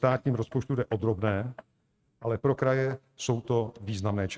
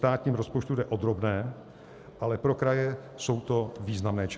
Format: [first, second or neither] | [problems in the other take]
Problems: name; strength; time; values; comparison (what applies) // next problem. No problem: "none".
second | noise reduction (neural mask model RNNoise)